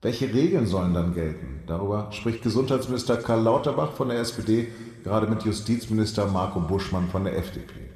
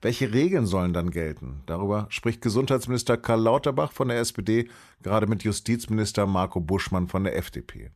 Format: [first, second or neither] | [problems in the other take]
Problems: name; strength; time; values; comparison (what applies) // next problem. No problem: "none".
second | room echo; slight; dies away in 2.3 s